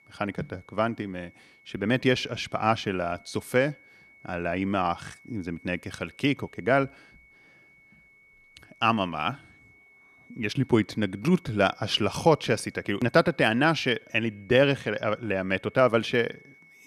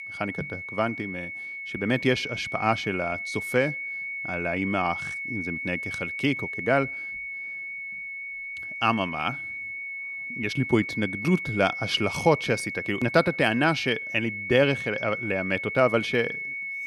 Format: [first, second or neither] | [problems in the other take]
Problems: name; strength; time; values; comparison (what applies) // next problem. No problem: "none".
first | high-pitched whine; loud; throughout; 2 kHz, 5 dB below the speech; faint in the first